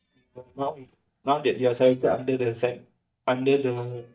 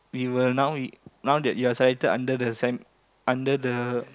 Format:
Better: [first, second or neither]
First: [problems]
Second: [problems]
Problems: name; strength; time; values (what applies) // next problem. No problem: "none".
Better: second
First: noise reduction (neural mask model DeepFilterNet 3)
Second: none